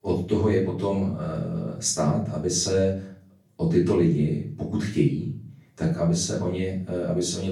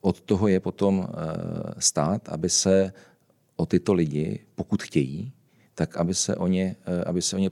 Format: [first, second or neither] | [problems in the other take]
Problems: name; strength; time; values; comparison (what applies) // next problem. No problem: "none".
second | off-mic speech; far // room echo; slight; dies away in 0.5 s